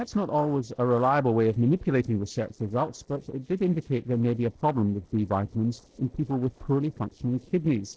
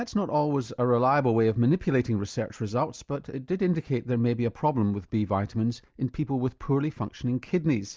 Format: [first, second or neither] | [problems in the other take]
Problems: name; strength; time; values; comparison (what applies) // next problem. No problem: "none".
second | noise reduction (neural separator model SepFormer DNS4)